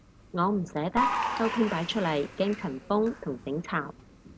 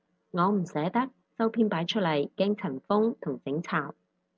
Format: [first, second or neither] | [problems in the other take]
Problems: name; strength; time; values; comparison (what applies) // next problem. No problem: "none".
second | background sound (Applause / Crowd); 6 dB below the speech